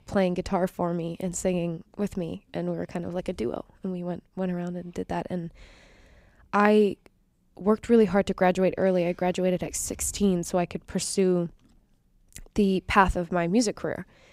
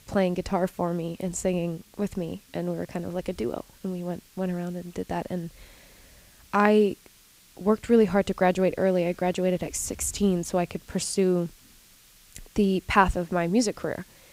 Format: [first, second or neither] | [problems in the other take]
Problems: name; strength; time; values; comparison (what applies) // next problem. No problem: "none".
first | hiss; faint; throughout; 25 dB below the speech